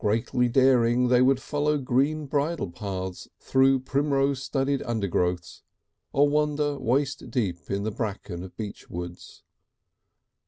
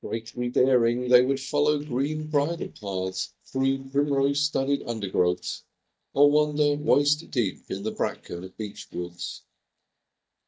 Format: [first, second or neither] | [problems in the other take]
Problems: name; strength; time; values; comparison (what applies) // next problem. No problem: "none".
first | noise reduction (neural mask model DeepFilterNet 3)